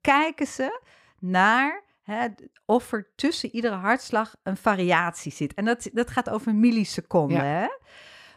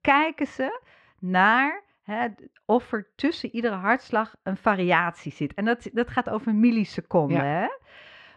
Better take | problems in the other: first | muffled; slightly; fading above 3 kHz

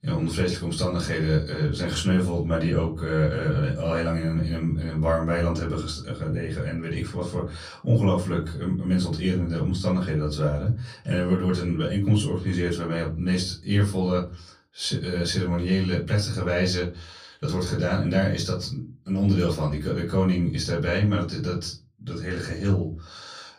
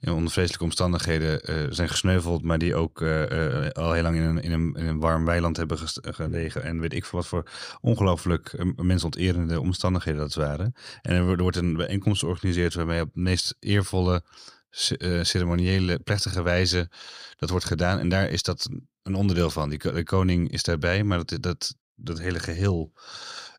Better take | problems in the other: second | off-mic speech; far // room echo; slight; dies away in 0.3 s

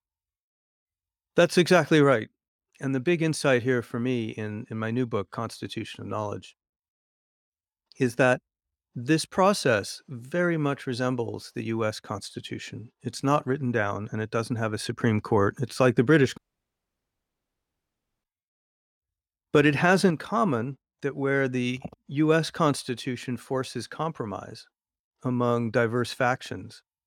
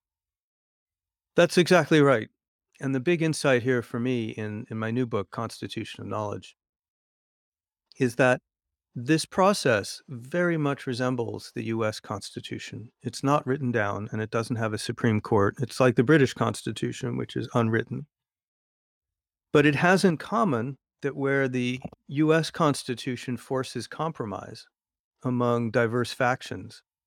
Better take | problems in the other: second | audio cutting out; at 16 s for 2 s

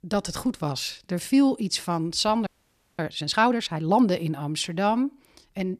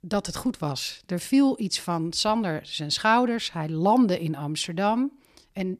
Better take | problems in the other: second | audio freezing; at 2.5 s for 0.5 s

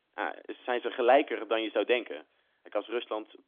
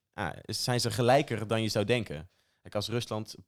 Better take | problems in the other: second | phone-call audio; nothing above 3.5 kHz

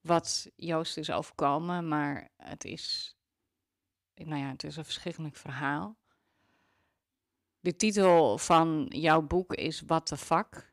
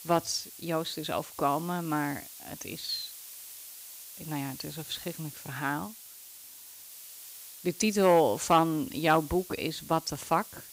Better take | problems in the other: first | hiss; noticeable; throughout; 15 dB below the speech

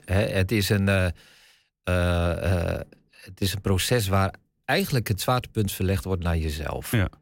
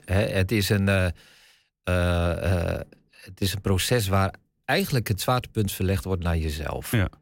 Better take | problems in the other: neither | none

